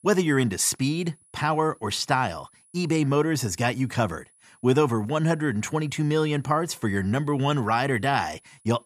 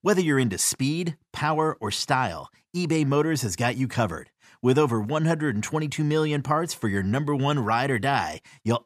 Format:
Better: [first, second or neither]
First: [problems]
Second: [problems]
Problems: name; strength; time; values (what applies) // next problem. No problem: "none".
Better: second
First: high-pitched whine; faint; throughout; 10 kHz, 30 dB below the speech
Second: none